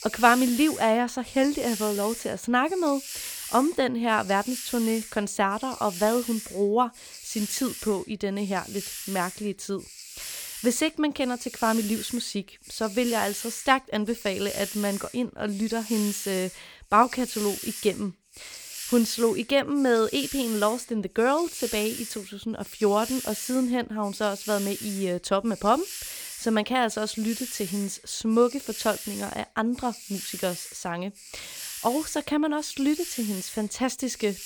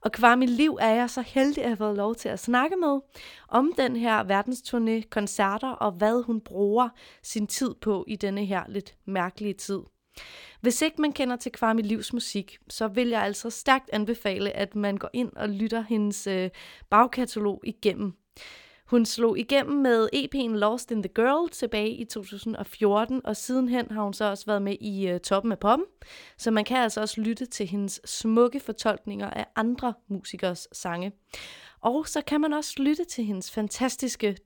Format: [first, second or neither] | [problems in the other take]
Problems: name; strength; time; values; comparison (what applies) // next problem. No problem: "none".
second | hiss; loud; throughout; 10 dB below the speech